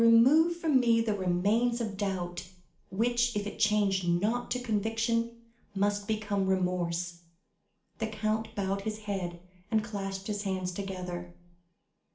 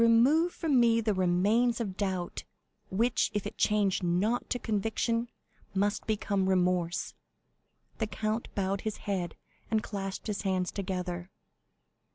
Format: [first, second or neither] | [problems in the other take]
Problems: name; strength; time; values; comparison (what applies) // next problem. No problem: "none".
second | room echo; dies away in 0.4 s